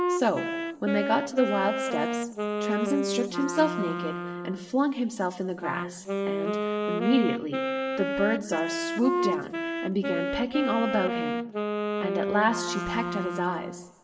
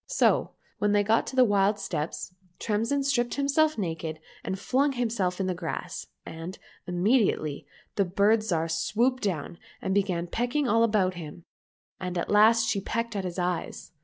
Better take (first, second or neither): second